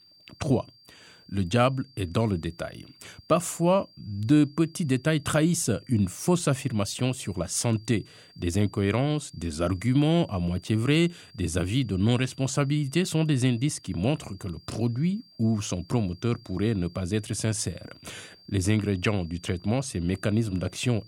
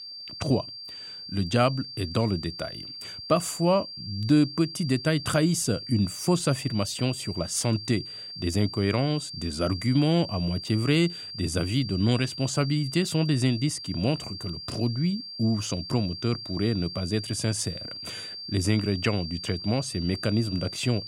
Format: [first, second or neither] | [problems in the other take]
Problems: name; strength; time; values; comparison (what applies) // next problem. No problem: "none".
first | high-pitched whine; loud; throughout; 4.5 kHz, 9 dB below the speech; faint in the first